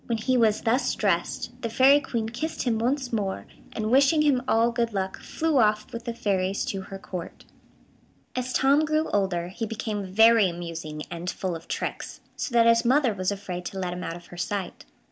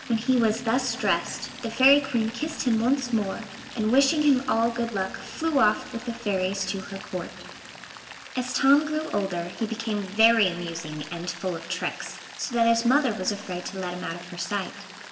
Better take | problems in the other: first | background sound (Rain); 16 dB below the speech // room echo; dies away in 1.7 s

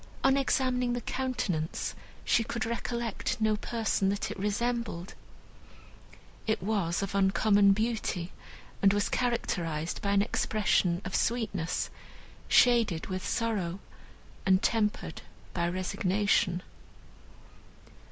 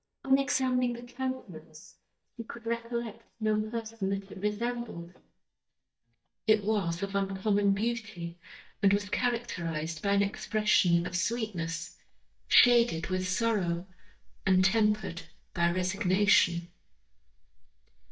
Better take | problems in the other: first | noise reduction (neural mask model DeepFilterNet 3)

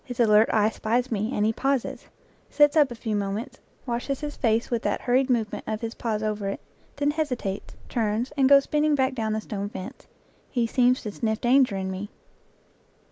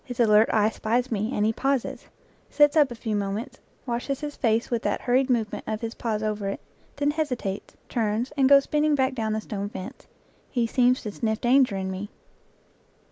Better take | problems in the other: second | background sound (Bird); 15 dB below the speech

